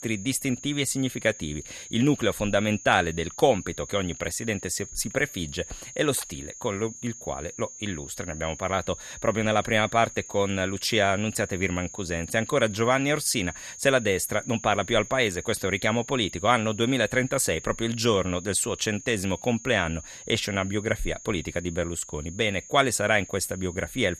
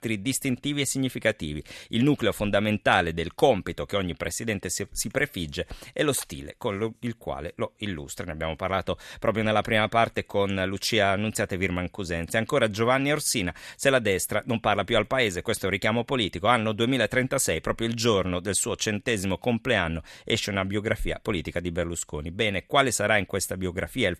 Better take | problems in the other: second | high-pitched whine; noticeable; throughout; 6.5 kHz, 15 dB below the speech

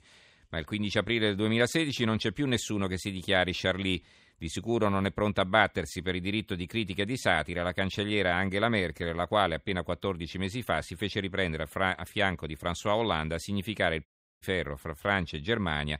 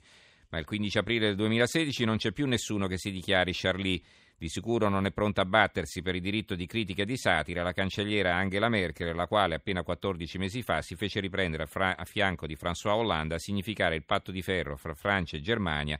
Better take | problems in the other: second | audio cutting out; at 14 s

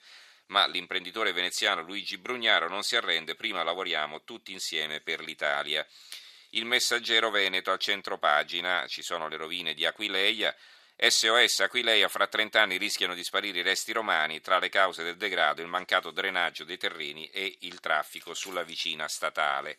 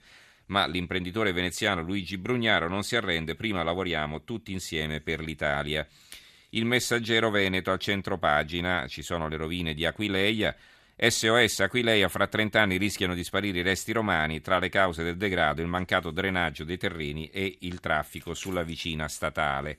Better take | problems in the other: second | thin; very; fading below 500 Hz

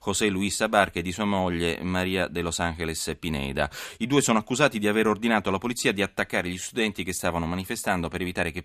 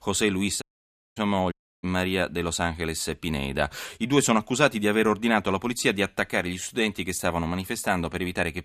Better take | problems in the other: first | audio cutting out; at 0.5 s for 0.5 s and at 1.5 s

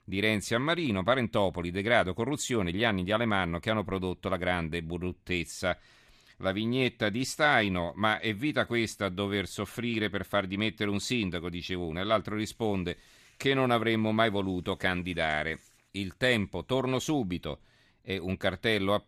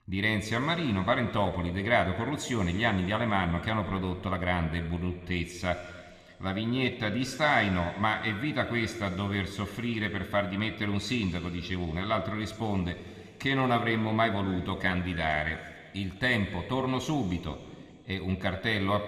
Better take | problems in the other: first | room echo; slight; dies away in 2.1 s

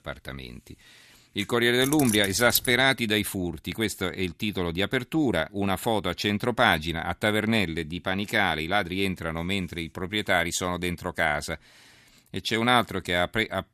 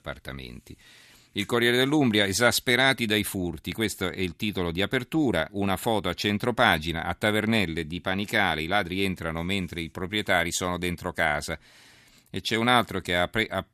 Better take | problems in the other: second | jangling keys; noticeable; at 2 s; peak 3 dB below the speech

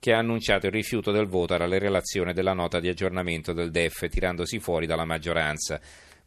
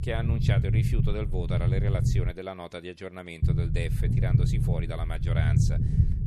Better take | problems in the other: first | low rumble; loud; until 2.5 s and from 3.5 s on; 1 dB below the speech

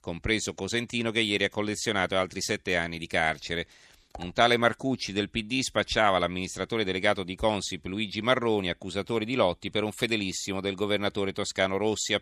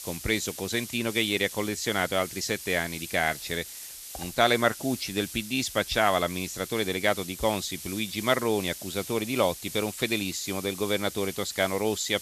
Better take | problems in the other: first | hiss; noticeable; throughout; 10 dB below the speech

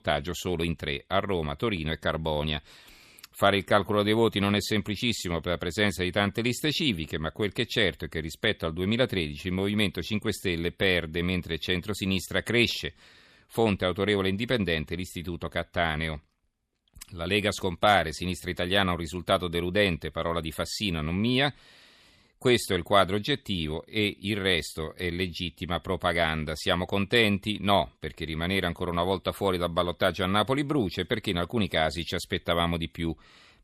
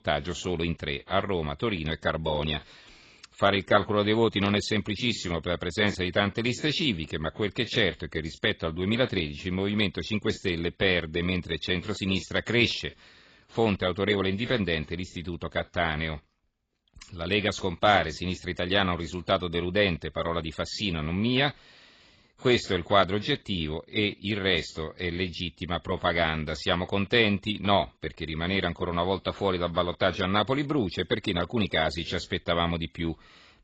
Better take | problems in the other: first | garbled, watery; badly; nothing above 7.5 kHz

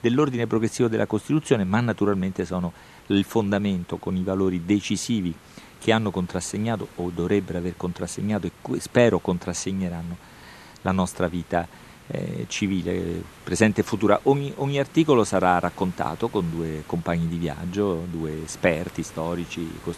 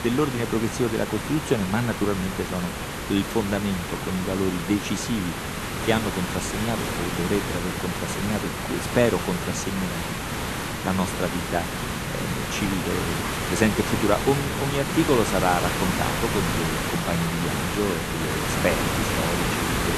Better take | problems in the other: first | hiss; loud; throughout; 1 dB below the speech; faint in the first

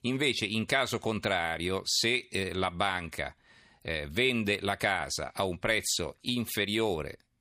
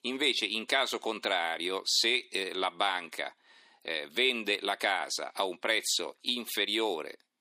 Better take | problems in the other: first | thin; somewhat; fading below 300 Hz

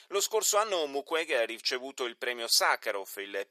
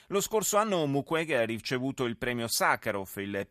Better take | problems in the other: second | thin; very; fading below 400 Hz

